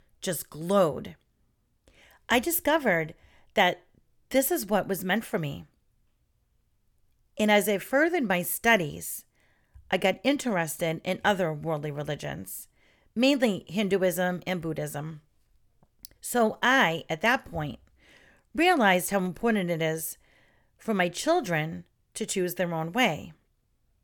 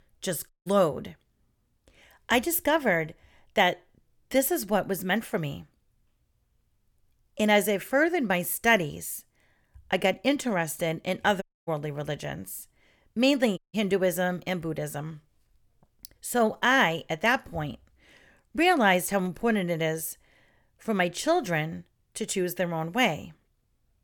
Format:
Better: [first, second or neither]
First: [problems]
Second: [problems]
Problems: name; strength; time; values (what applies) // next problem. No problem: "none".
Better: first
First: none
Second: audio cutting out; at 0.5 s, at 11 s and at 14 s